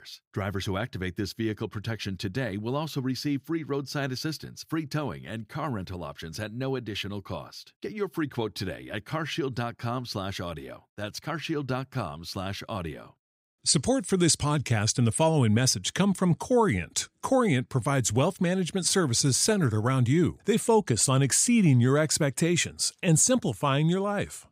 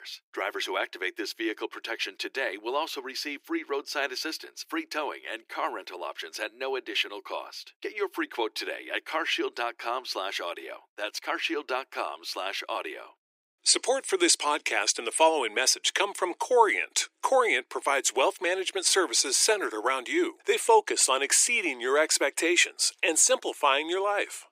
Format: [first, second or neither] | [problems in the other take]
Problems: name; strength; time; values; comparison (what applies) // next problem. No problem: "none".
first | thin; very; fading below 350 Hz